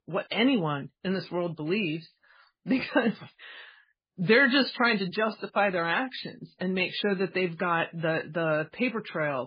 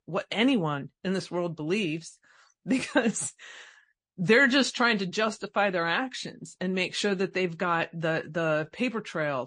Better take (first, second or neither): second